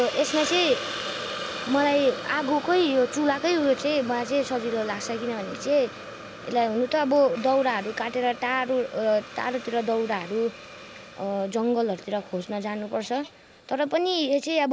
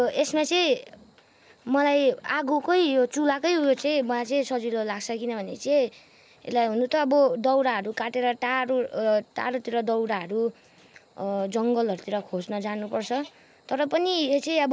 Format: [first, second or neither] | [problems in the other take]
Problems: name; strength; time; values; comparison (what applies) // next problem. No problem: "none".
second | background sound (Hiss); 12 dB below the speech